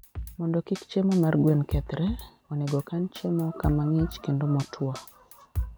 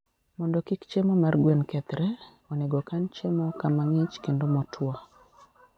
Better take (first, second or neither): second